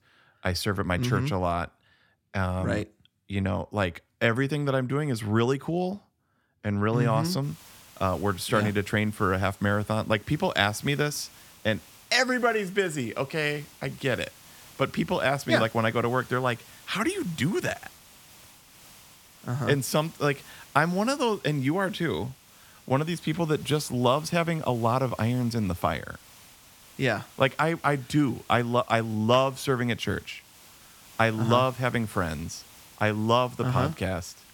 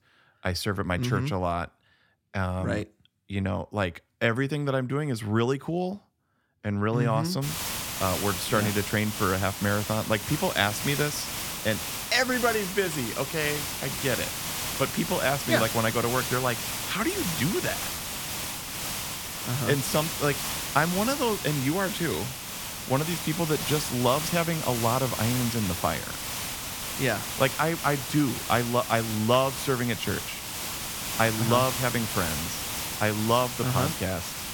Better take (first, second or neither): first